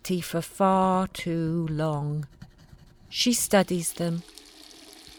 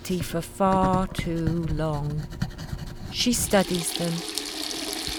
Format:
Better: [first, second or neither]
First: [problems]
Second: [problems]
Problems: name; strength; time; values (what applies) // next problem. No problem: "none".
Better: first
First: household noises; faint; throughout; 25 dB below the speech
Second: household noises; loud; throughout; 7 dB below the speech